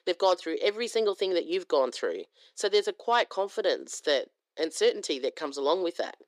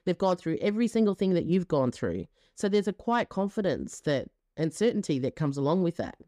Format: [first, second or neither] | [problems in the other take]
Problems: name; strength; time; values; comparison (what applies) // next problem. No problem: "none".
second | thin; very; fading below 350 Hz